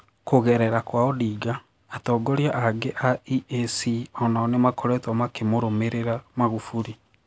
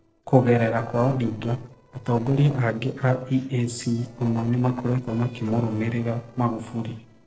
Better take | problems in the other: first | noise reduction (neural separator model SepFormer DNS4)

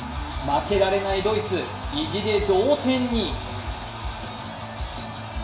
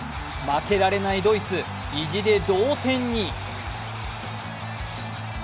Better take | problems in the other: second | room echo; dies away in 0.7 s

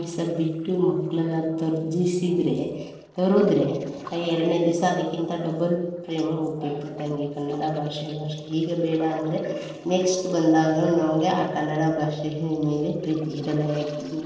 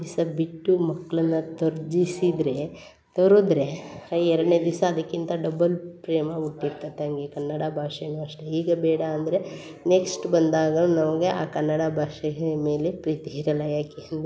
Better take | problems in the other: second | noise reduction (neural separator model SepFormer DNS4)

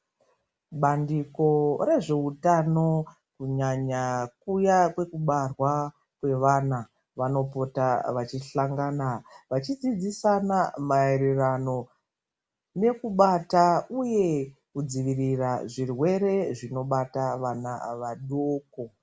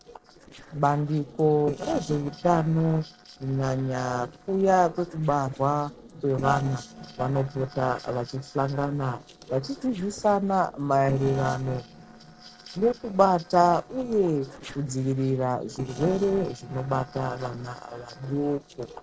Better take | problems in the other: first | noise reduction (neural separator model SepFormer DNS4)

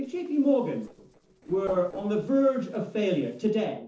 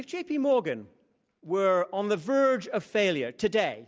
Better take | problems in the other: second | noise reduction (neural separator model SepFormer DNS4)

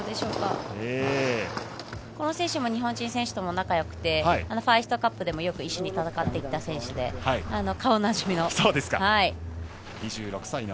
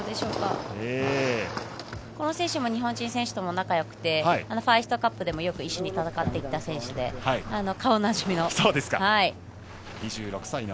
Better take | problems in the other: second | background sound (Bowed string instrument); 14 dB below the speech

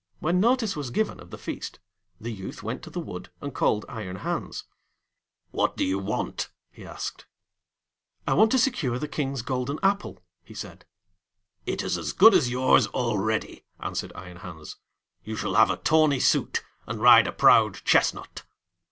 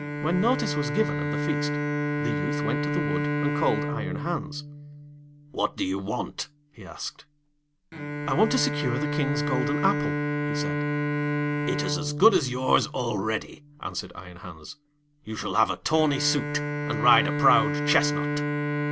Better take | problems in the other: first | background sound (Bowed string instrument); 1 dB below the speech

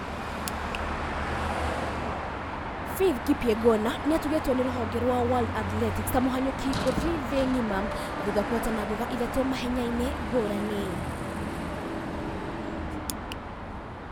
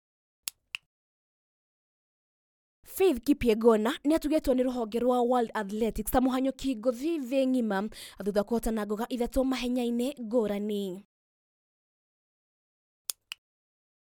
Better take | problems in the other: second | background sound (Car passing by / Traffic noise, roadway noise / Engine); 2 dB below the speech

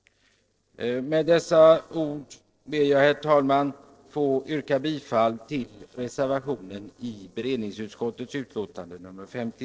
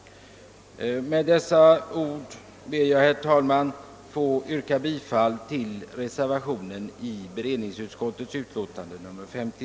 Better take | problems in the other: second | noise reduction (neural separator model SepFormer DNS4)

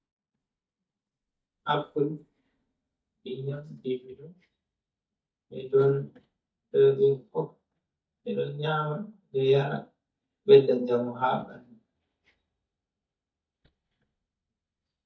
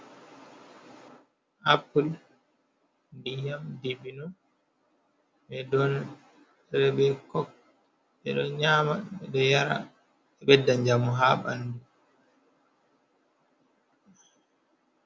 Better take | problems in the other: second | noise reduction (neural mask model DeepFilterNet 3)

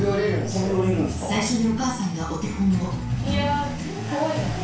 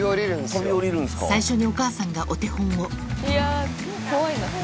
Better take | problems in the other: second | room echo; dies away in 0.4 s

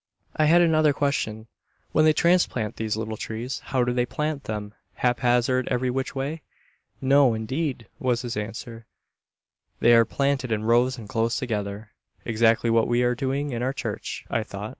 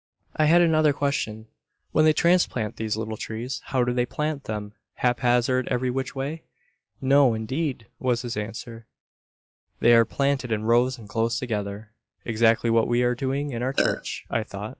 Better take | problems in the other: first | noise reduction (classical method log-MMSE)

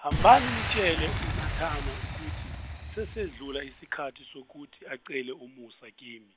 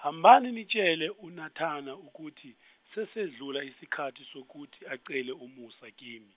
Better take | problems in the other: second | background sound (Boom); 5 dB below the speech

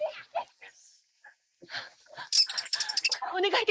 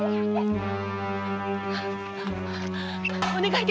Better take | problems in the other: second | noise reduction (neural mask model Resemble Enhance denoiser)

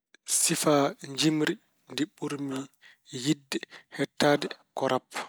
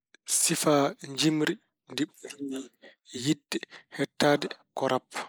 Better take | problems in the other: first | noise reduction (neural mask model Resemble Enhance denoiser)

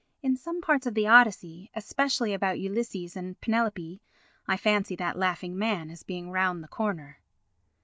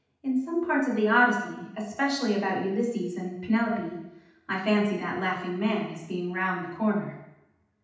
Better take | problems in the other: first | room echo; dies away in 0.8 s

